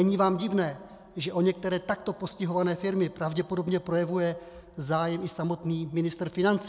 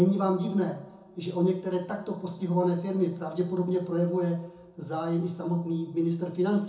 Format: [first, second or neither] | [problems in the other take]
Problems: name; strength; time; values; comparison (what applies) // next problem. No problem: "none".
first | room echo; dies away in 0.6 s